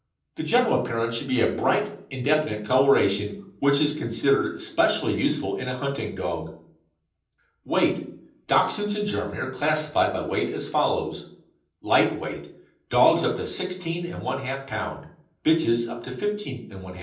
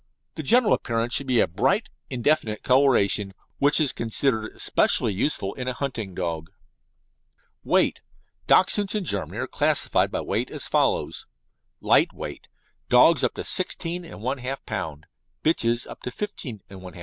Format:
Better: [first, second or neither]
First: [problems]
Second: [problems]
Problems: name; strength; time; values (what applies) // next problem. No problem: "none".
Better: second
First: room echo; dies away in 0.6 s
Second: none